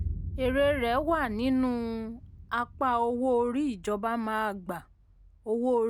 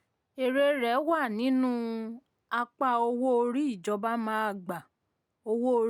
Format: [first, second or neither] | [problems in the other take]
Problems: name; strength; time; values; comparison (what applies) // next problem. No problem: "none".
second | background sound (Boom); 12 dB below the speech